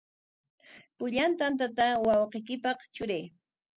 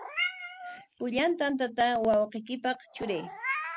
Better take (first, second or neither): first